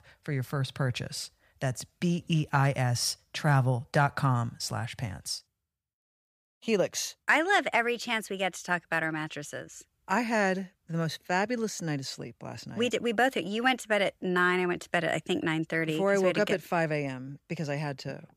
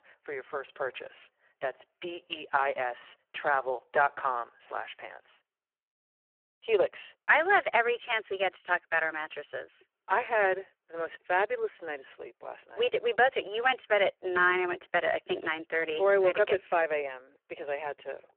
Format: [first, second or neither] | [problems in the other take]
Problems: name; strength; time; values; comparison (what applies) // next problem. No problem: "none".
first | phone-call audio; poor line